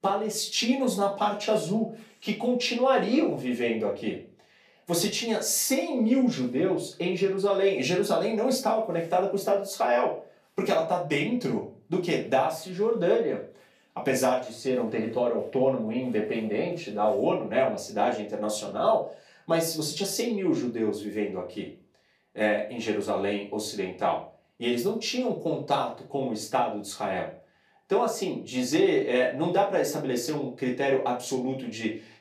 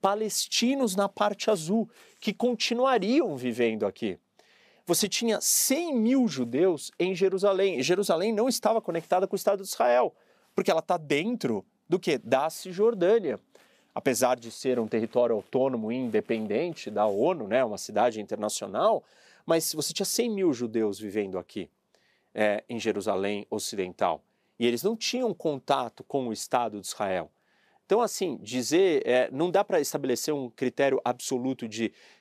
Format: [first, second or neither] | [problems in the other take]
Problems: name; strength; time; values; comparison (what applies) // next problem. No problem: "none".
second | off-mic speech; far // room echo; slight; dies away in 0.3 s